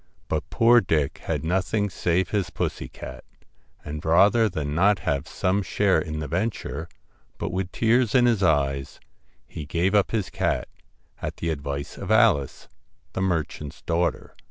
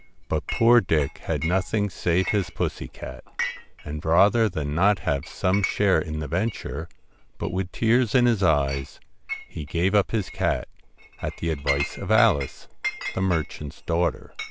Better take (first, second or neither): first